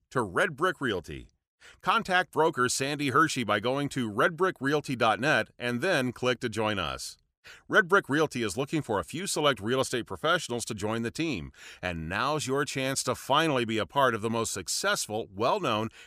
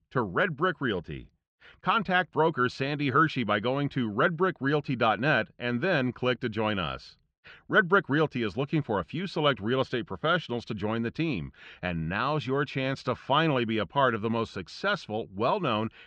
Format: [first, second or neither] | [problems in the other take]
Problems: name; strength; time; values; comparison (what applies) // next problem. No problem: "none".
first | muffled; slightly; fading above 3.5 kHz